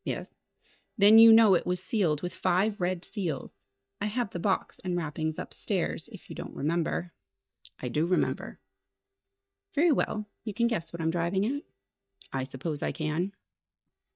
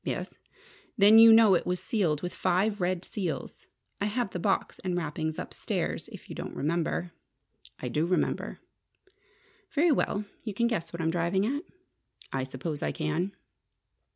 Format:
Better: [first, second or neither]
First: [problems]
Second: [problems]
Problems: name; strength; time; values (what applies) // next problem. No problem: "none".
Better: second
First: noise reduction (neural mask model DeepFilterNet 3)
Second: none